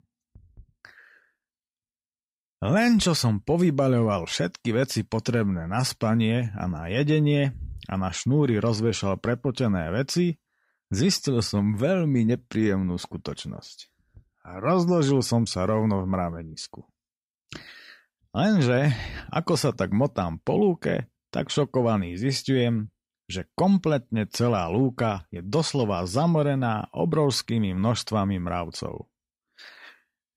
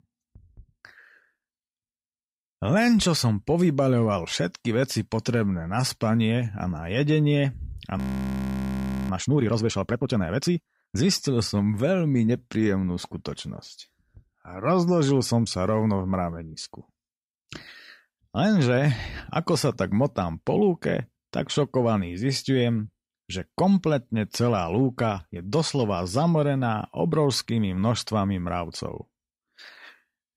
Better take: first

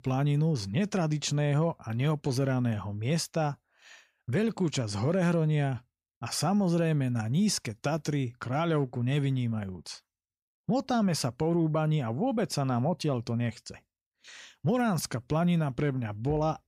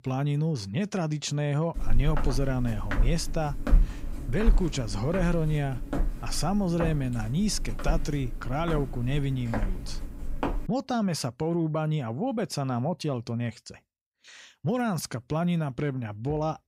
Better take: first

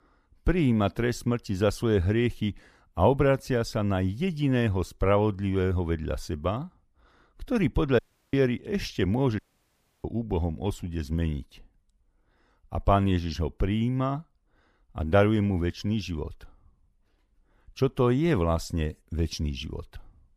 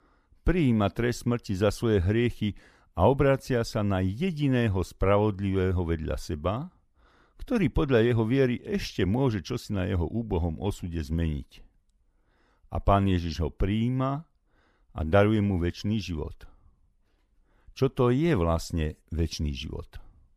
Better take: second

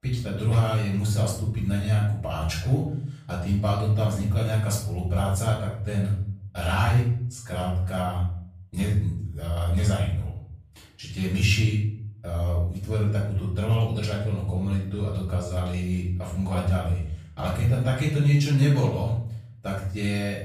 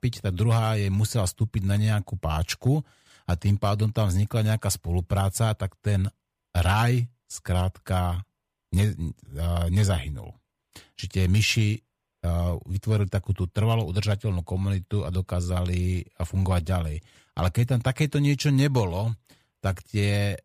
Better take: second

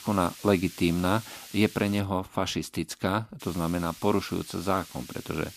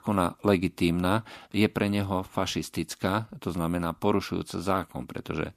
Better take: second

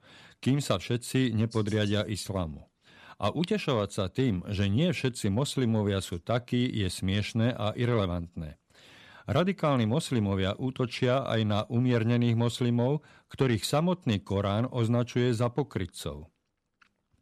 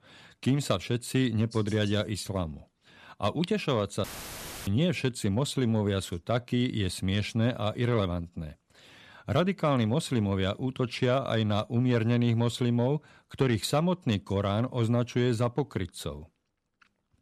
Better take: first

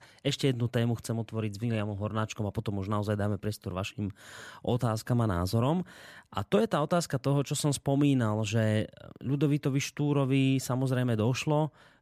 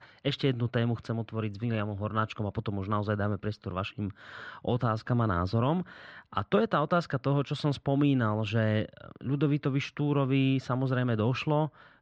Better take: first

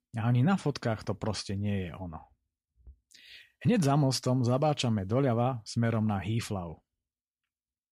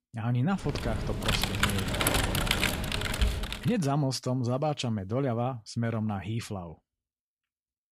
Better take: first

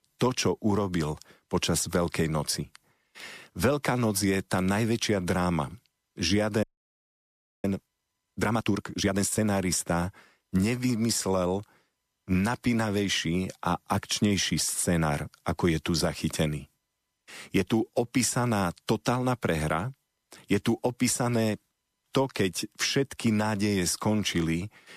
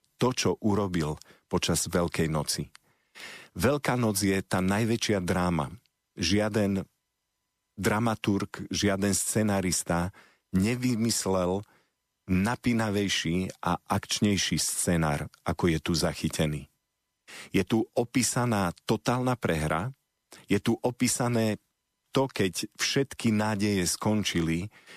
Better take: second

